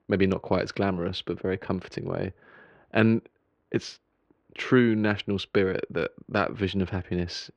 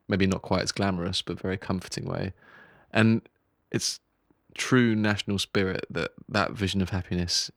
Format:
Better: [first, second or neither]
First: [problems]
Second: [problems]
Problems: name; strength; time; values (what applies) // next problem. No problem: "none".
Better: second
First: muffled; slightly; fading above 3 kHz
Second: none